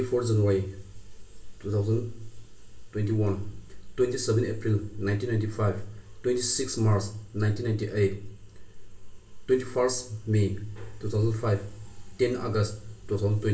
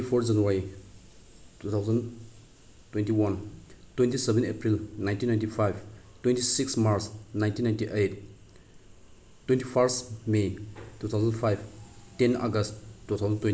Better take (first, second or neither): second